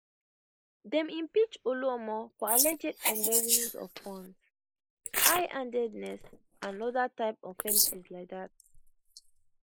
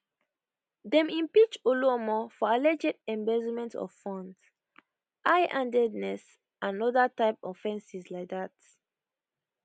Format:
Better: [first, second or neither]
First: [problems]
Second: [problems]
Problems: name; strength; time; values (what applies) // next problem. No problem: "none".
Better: second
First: noise reduction (neural mask model Resemble Enhance denoiser)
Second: none